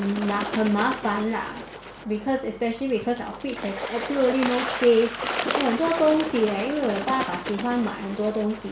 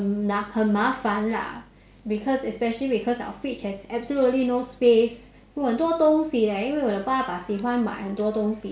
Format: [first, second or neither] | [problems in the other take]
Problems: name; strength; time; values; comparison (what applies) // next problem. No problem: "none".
second | background sound (Water / Bird); 8 dB below the speech